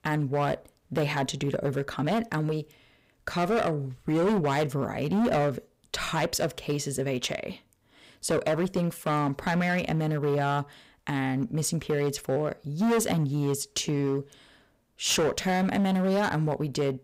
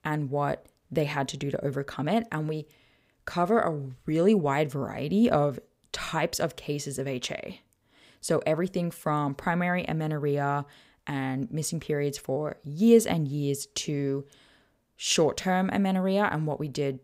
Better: second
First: distortion; heavy; 11% of the sound clipped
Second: none

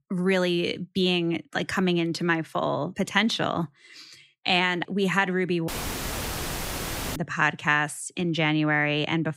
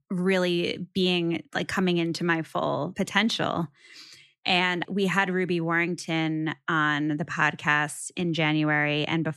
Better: second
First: audio cutting out; filled with static; at 5.5 s for 1.5 s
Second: none

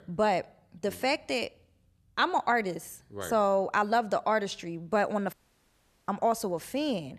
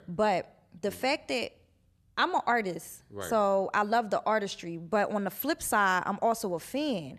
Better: second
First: audio cutting out; at 5.5 s for 1 s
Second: none

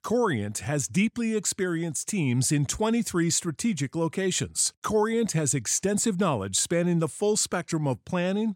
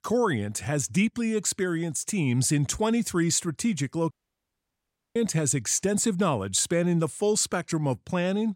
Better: first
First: none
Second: audio cutting out; at 4 s for 1 s

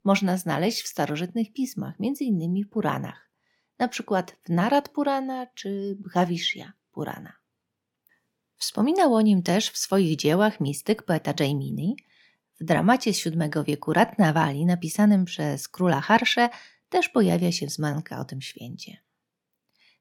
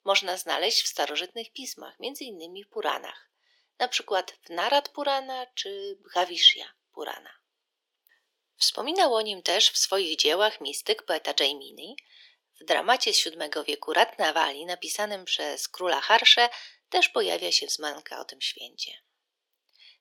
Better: first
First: none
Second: thin; very; fading below 400 Hz

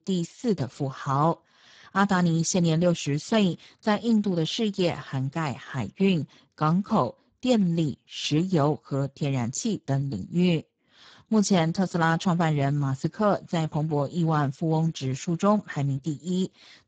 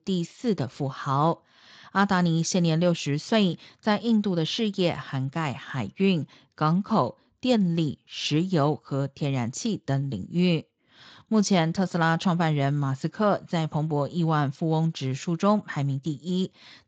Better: second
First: garbled, watery; badly; nothing above 7.5 kHz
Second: garbled, watery; slightly; nothing above 7.5 kHz

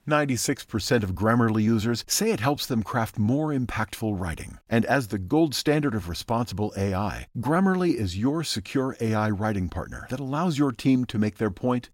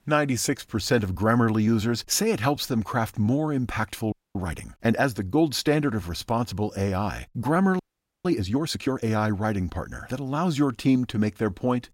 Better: first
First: none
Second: audio freezing; at 4 s and at 8 s

